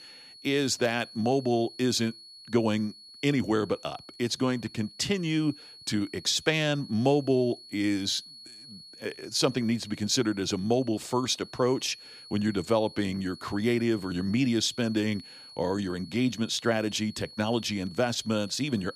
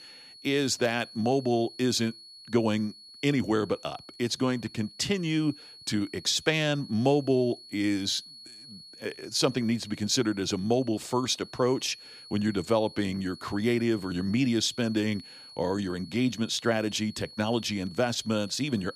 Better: neither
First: high-pitched whine; noticeable; throughout; 4.5 kHz, 20 dB below the speech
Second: high-pitched whine; noticeable; throughout; 4.5 kHz, 20 dB below the speech

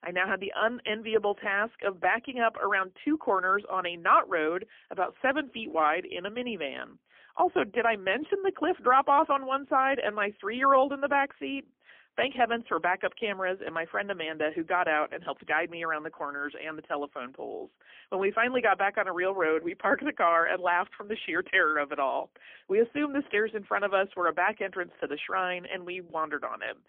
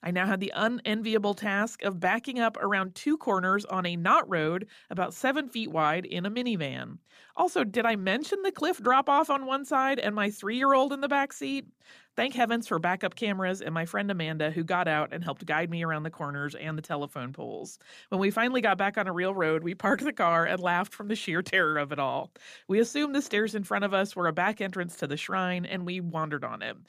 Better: second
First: phone-call audio; poor line; nothing above 3.5 kHz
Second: none

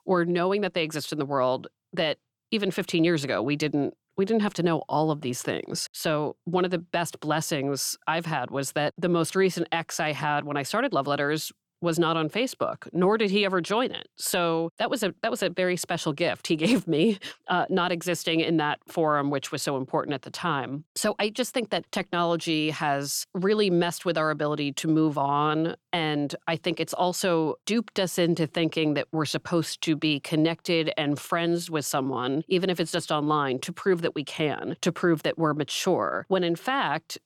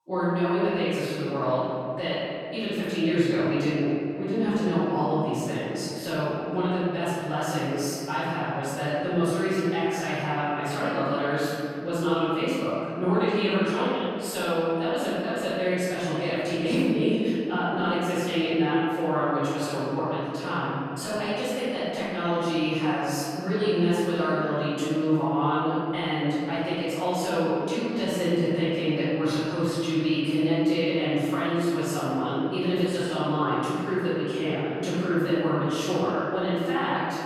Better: first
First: none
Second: off-mic speech; far // room echo; strong; dies away in 2.8 s

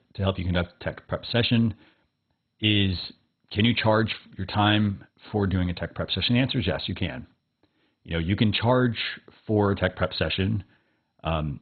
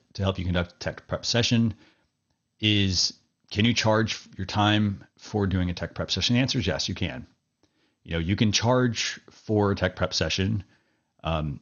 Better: second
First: garbled, watery; badly; nothing above 4 kHz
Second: garbled, watery; slightly; nothing above 6.5 kHz

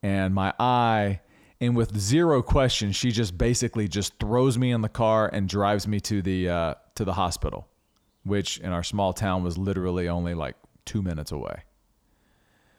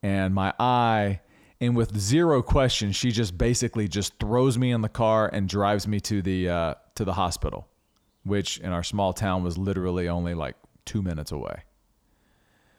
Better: neither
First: none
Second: none

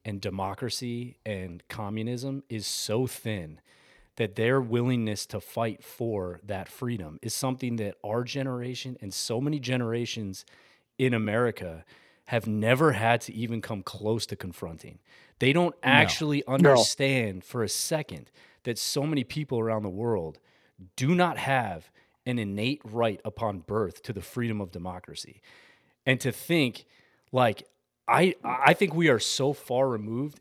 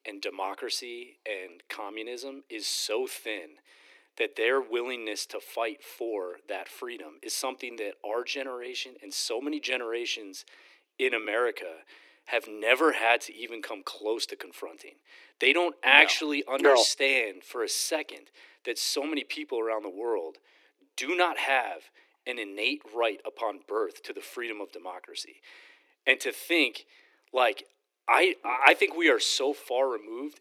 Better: first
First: none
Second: thin; somewhat; fading below 300 Hz

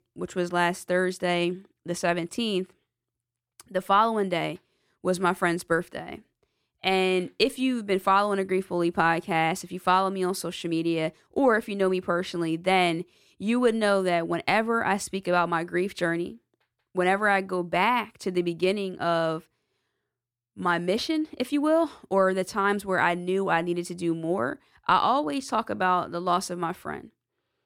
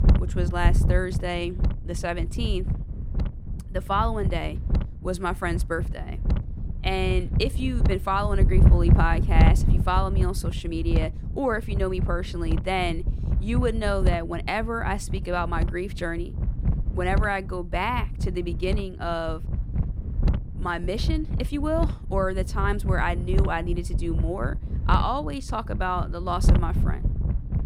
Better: first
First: none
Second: wind noise on the microphone; occasional gusts; 10 dB below the speech

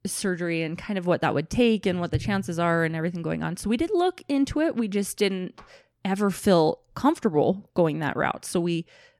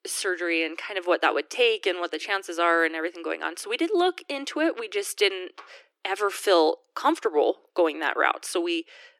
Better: first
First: none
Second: thin; very; fading below 300 Hz

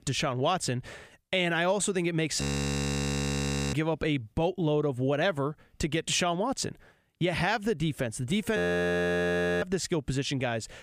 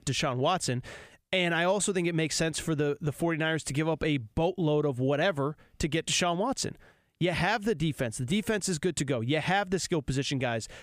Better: second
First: audio freezing; at 2.5 s for 1.5 s and at 8.5 s for 1 s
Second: none

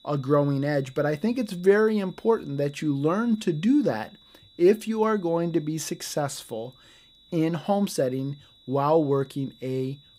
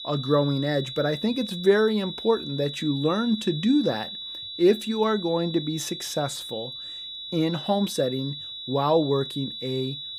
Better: first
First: high-pitched whine; faint; throughout; 4 kHz, 30 dB below the speech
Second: high-pitched whine; loud; throughout; 4 kHz, 9 dB below the speech

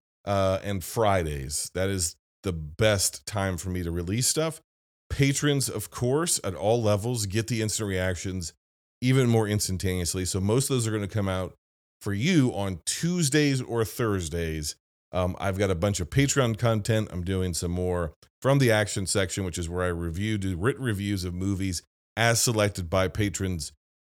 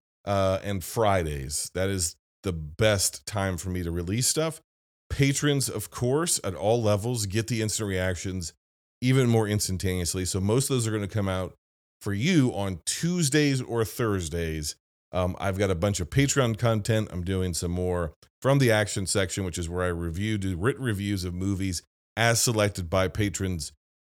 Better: neither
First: none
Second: none

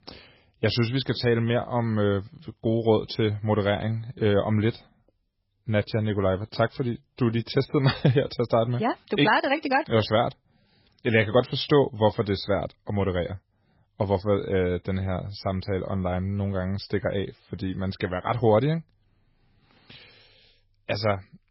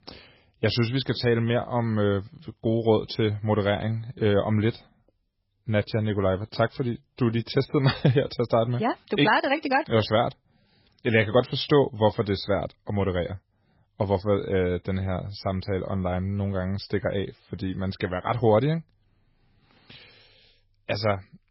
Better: neither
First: garbled, watery; badly; nothing above 5.5 kHz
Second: garbled, watery; badly; nothing above 5.5 kHz

